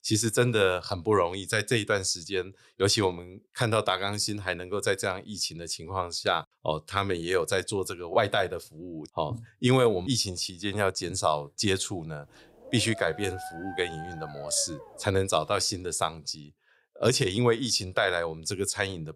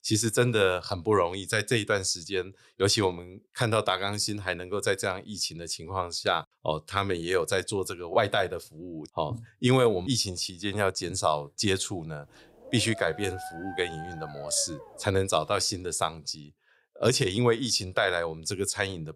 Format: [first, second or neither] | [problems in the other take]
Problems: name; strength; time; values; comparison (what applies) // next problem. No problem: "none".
neither | dog barking; faint; from 12 to 15 s; peak 10 dB below the speech; the same in both